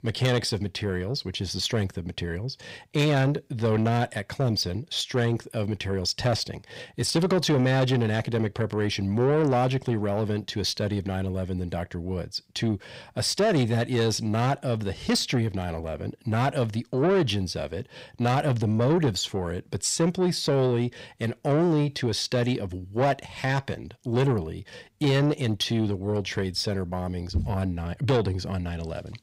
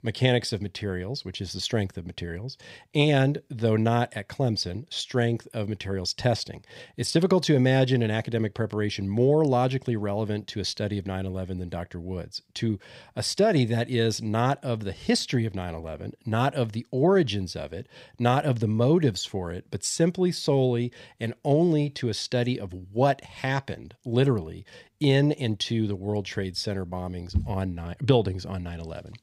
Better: second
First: distortion; slight; 10 dB below the speech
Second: none

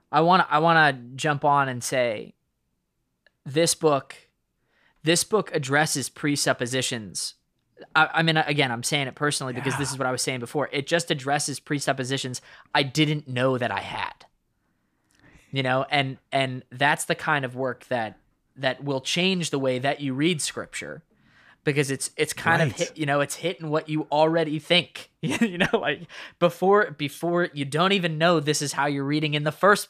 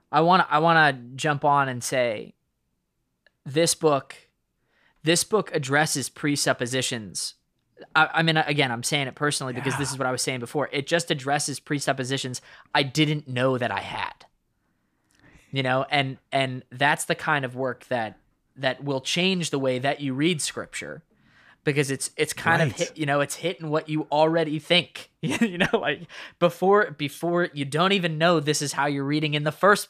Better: neither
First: none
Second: none

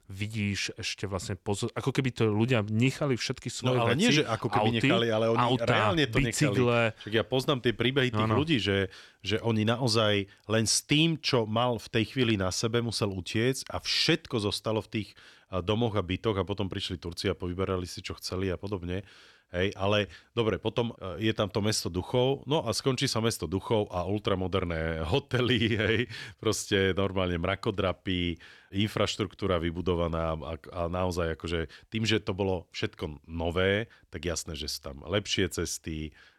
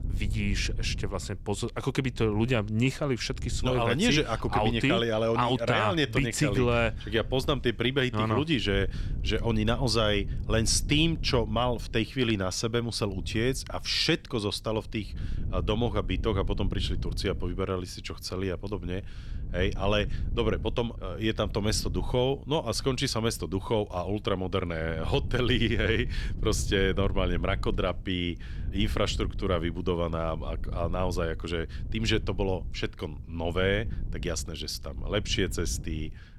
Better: first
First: none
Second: wind noise on the microphone; occasional gusts; 20 dB below the speech

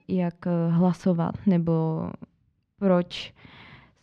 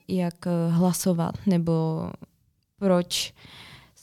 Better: second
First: muffled; slightly; fading above 2 kHz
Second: none

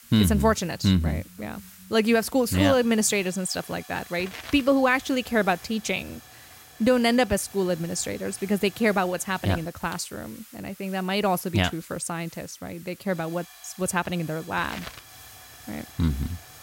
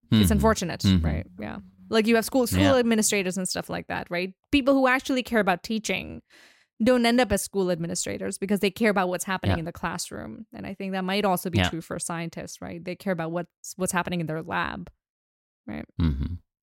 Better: second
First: hiss; noticeable; throughout; 20 dB below the speech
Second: none

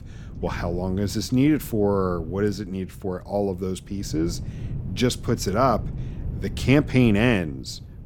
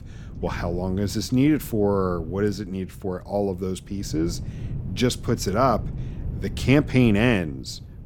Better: neither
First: wind noise on the microphone; occasional gusts; 20 dB below the speech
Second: wind noise on the microphone; occasional gusts; 20 dB below the speech

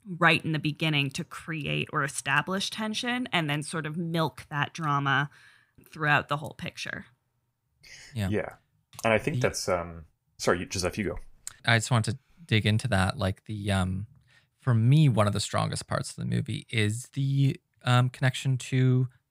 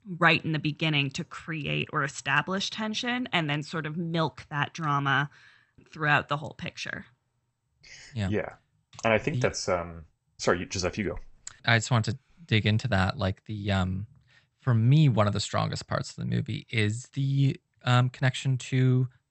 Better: first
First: none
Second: garbled, watery; slightly; nothing above 8 kHz

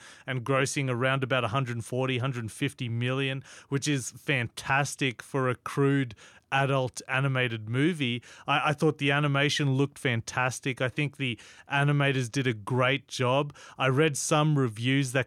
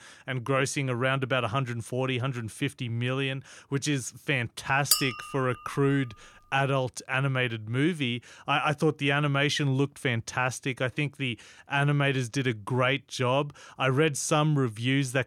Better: first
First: none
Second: clattering dishes; loud; at 5 s; peak 3 dB above the speech

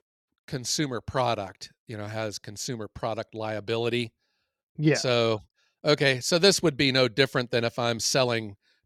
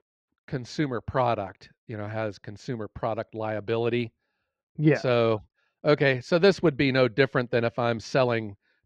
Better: first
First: none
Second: muffled; slightly; fading above 2 kHz

